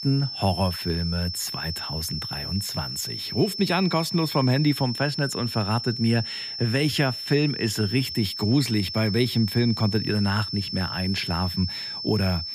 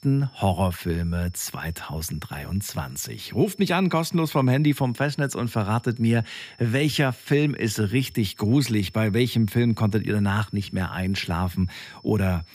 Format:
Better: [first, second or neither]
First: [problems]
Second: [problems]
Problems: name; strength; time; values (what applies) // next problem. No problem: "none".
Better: second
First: high-pitched whine; loud; throughout; 5.5 kHz, 5 dB below the speech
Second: high-pitched whine; faint; throughout; 5.5 kHz, 25 dB below the speech